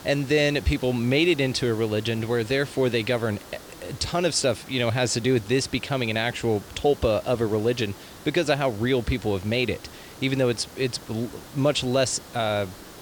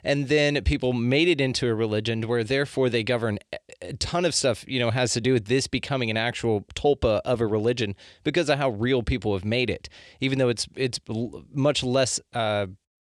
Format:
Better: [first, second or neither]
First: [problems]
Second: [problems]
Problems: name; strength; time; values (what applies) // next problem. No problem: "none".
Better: second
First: hiss; noticeable; throughout; 20 dB below the speech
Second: none